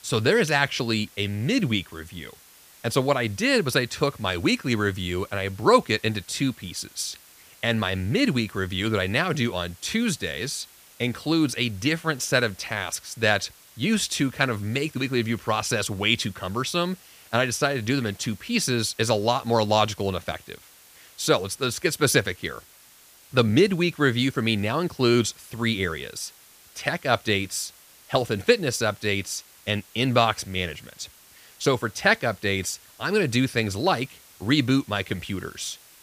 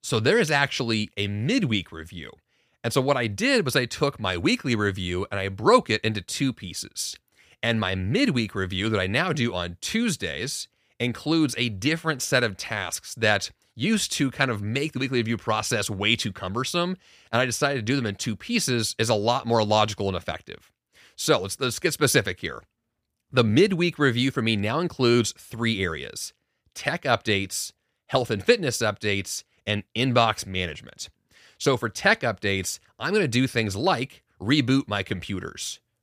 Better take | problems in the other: second | hiss; faint; throughout; 25 dB below the speech

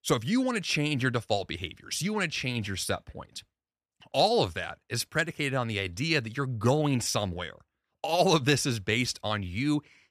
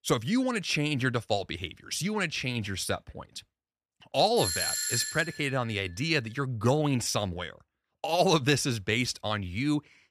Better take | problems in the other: first | doorbell; loud; from 4.5 to 5.5 s; peak 1 dB above the speech

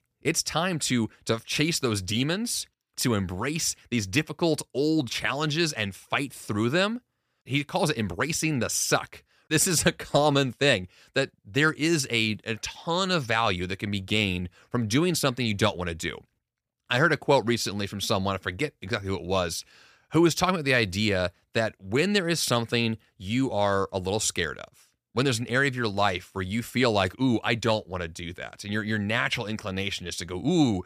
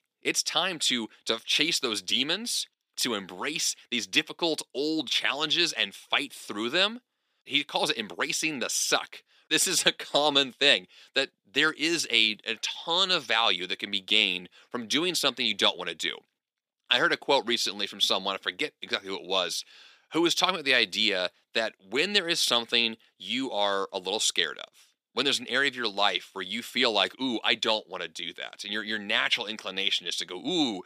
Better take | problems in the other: first | thin; very slightly; fading below 250 Hz

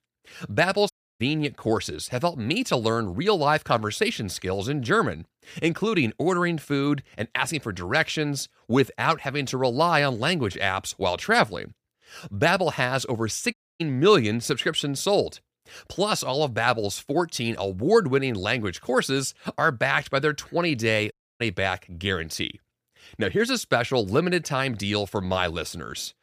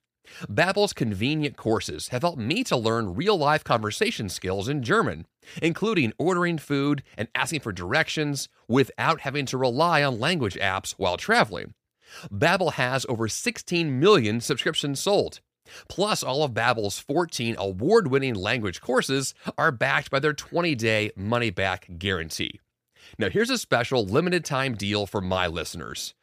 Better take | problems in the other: second | audio cutting out; at 1 s, at 14 s and at 21 s

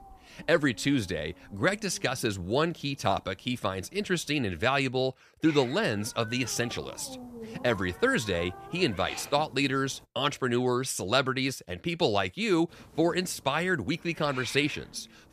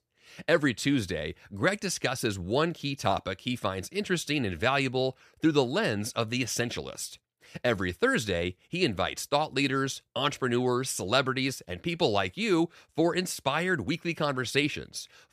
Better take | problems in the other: second | hiss; noticeable; until 4.5 s, from 5.5 to 10 s and from 13 s on; 20 dB below the speech

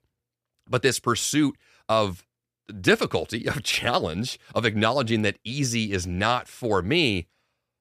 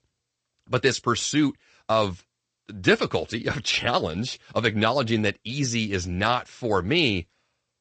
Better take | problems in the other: first | garbled, watery; slightly; nothing above 8 kHz

